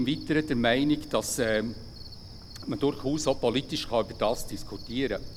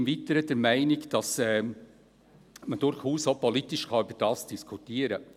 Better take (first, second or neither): second